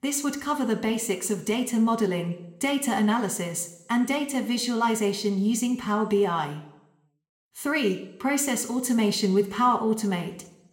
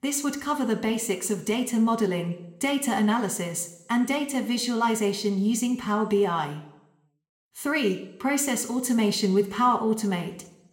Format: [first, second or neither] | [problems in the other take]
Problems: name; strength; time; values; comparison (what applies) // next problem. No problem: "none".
neither | room echo; very slight; dies away in 0.6 s; the same in both